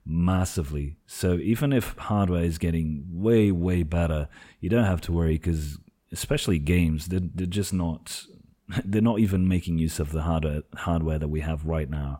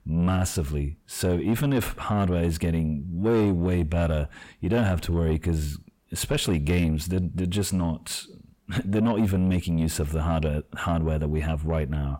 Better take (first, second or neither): first